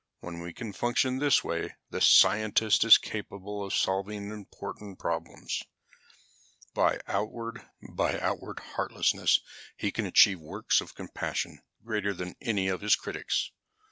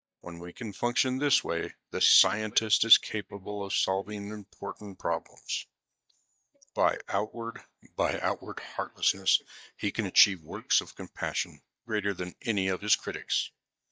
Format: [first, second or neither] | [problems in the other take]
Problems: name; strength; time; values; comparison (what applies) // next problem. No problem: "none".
first | noise reduction (neural mask model DeepFilterNet 3)